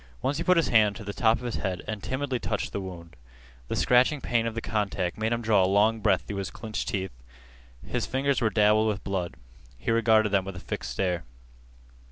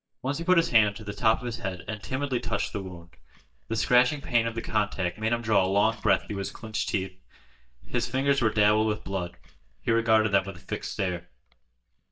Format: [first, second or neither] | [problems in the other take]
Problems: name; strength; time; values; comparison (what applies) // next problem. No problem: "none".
first | noise reduction (neural mask model DeepFilterNet 3)